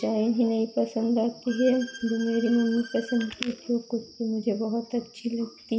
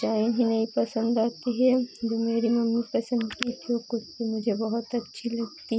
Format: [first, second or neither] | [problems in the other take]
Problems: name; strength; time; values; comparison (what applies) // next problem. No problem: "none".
second | background sound (Bowed string instrument); 16 dB below the speech // room echo; dies away in 0.6 s